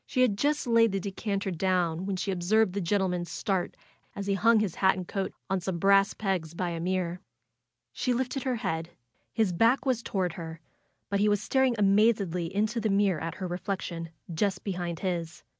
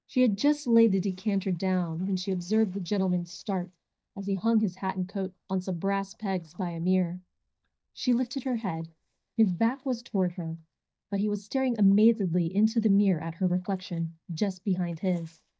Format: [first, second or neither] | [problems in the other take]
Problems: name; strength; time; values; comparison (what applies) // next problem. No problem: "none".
first | noise reduction (neural mask model DeepFilterNet 3)